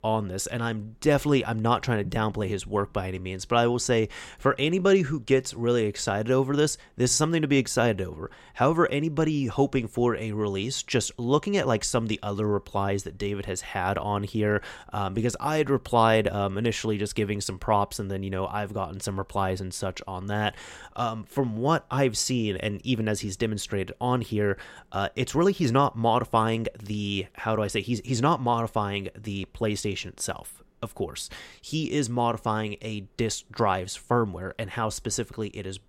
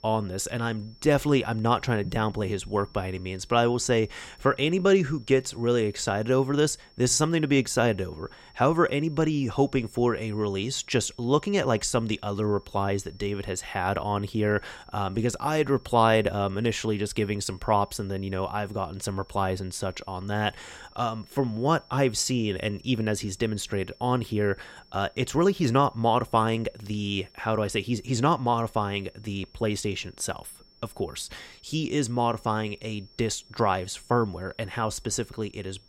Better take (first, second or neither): first